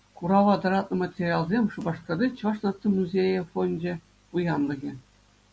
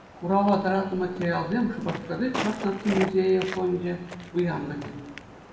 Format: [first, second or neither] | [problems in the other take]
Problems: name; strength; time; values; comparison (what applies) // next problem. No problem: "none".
first | background sound (Walk, footsteps); 11 dB below the speech // room echo; dies away in 1.1 s